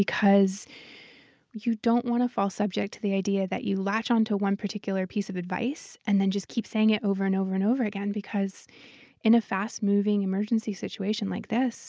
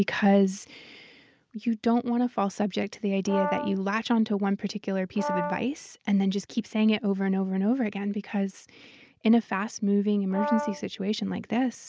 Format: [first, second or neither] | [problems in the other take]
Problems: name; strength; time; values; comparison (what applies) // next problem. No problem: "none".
first | background sound (Brass instrument); 7 dB below the speech